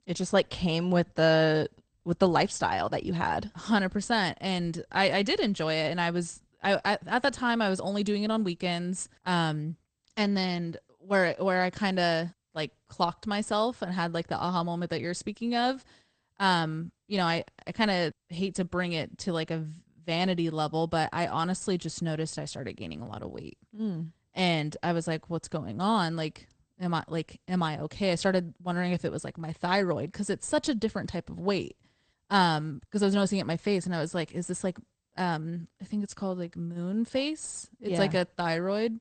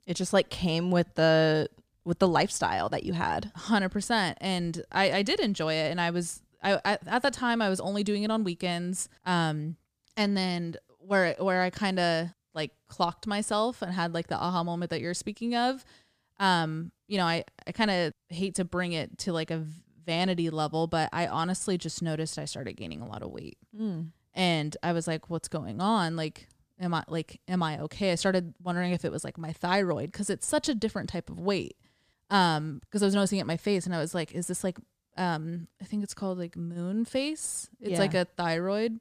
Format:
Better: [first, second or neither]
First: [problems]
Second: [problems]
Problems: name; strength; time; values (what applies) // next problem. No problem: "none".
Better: second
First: garbled, watery; slightly; nothing above 8.5 kHz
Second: none